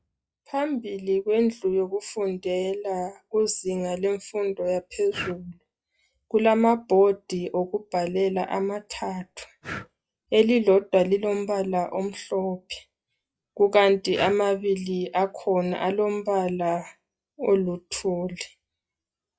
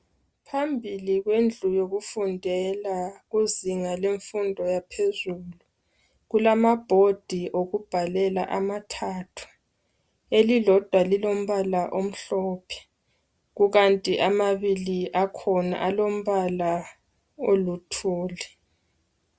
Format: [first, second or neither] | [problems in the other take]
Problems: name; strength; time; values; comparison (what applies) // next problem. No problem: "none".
second | noise reduction (classical method log-MMSE)